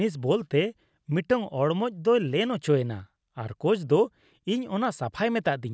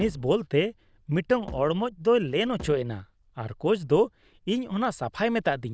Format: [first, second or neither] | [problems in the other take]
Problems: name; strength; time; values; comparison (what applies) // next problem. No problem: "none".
first | noise reduction (neural diffusion model UNIVERSE++)